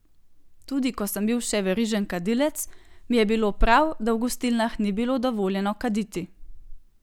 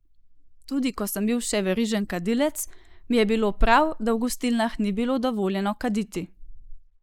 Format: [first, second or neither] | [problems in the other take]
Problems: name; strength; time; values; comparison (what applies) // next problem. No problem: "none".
first | noise reduction (neural mask model Resemble Enhance denoiser)